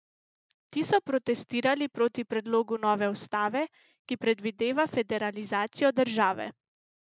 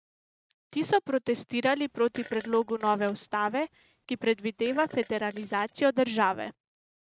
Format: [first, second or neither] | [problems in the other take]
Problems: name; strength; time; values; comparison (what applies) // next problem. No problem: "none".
first | noise reduction (neural mask model RNNoise)